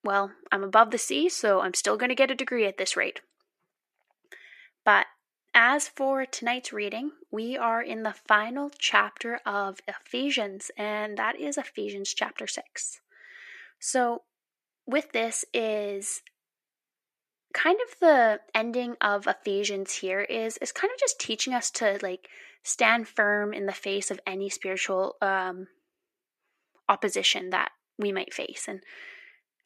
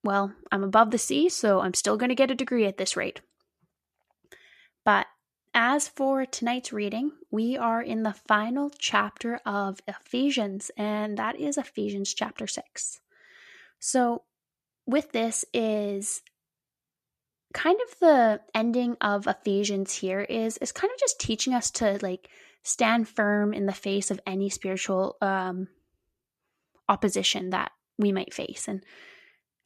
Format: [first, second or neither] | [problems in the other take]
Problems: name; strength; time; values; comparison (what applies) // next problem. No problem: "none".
second | thin; somewhat; fading below 350 Hz